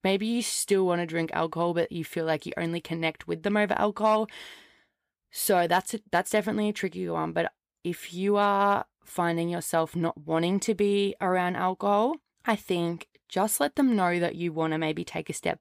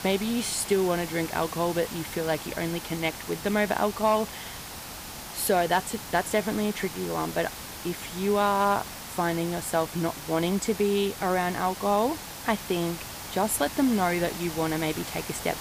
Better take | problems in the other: first | hiss; loud; throughout; 9 dB below the speech

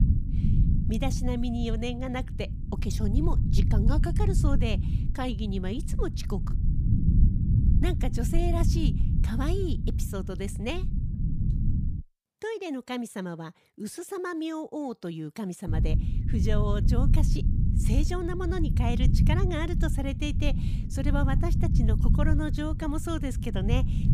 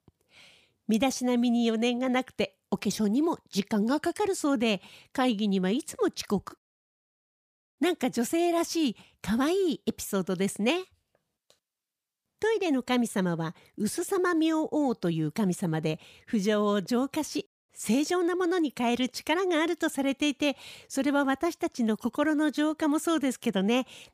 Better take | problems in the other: second | low rumble; loud; until 12 s and from 16 s on; 6 dB below the speech

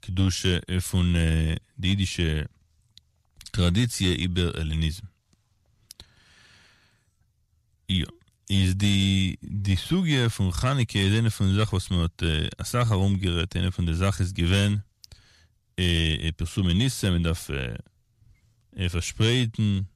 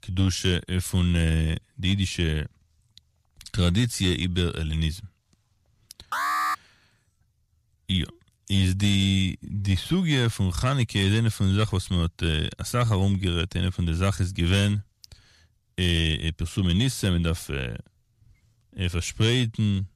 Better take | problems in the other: first | alarm; loud; at 6 s; peak level with the speech

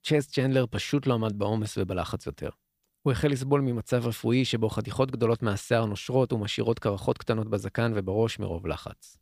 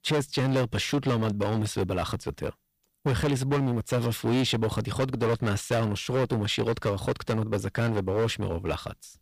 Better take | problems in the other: first | distortion; heavy; 14% of the sound clipped

